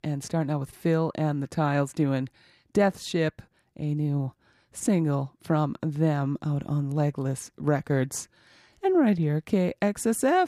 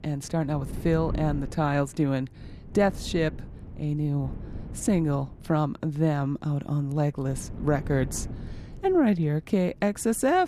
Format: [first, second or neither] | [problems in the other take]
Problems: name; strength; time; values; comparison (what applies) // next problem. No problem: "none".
first | wind noise on the microphone; occasional gusts; 20 dB below the speech